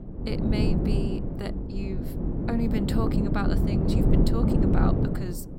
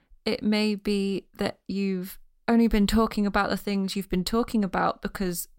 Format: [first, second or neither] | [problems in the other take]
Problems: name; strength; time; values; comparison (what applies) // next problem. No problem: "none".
second | wind noise on the microphone; heavy; 3 dB above the speech